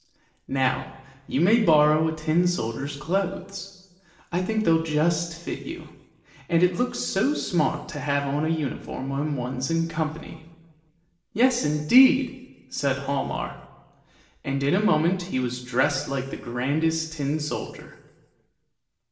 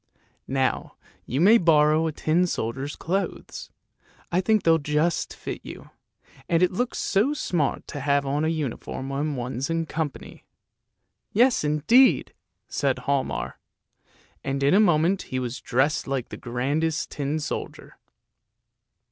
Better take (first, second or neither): second